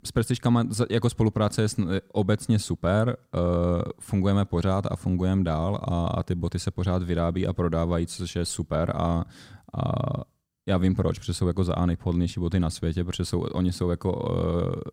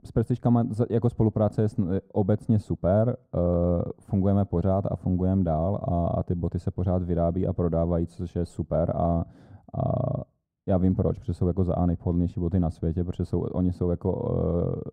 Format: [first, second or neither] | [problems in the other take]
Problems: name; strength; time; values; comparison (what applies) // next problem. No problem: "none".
first | muffled; very; fading above 1.5 kHz